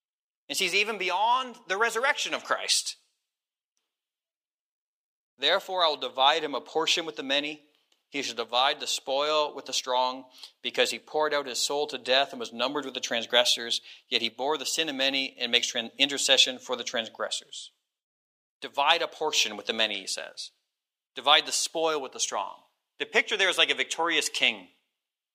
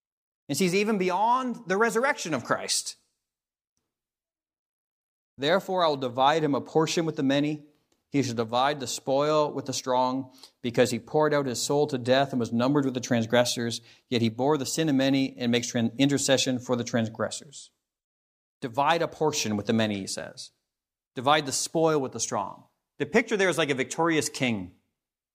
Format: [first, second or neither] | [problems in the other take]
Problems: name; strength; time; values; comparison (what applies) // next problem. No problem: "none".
second | thin; somewhat; fading below 500 Hz